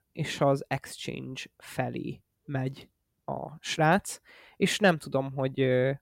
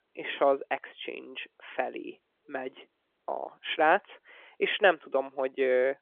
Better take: first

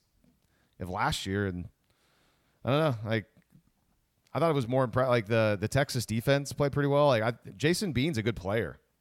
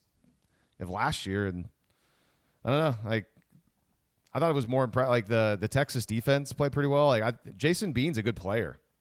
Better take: first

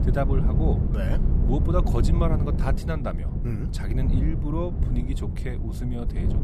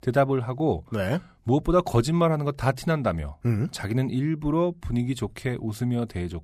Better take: second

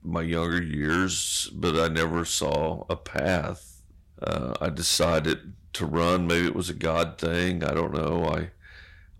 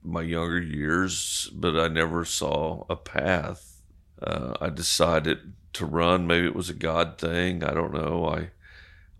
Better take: second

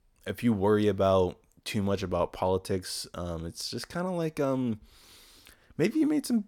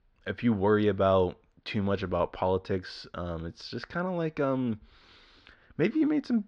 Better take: first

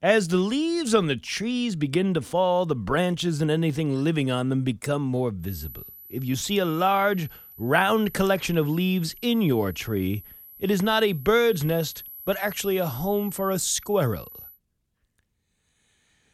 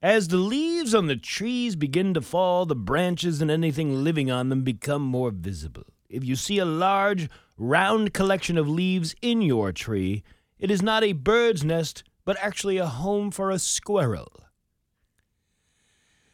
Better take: second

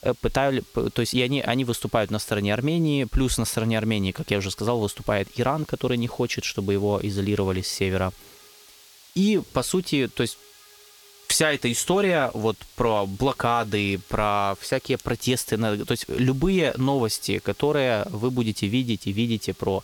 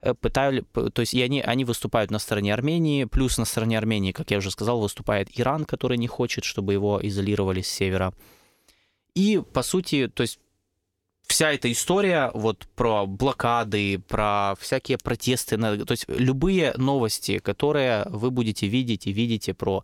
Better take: second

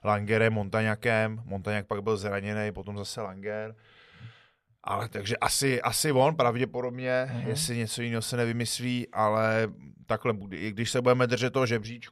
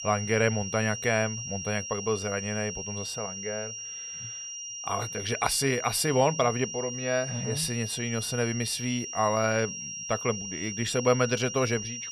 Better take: first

